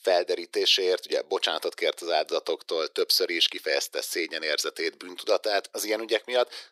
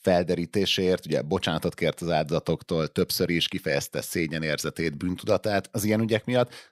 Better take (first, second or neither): second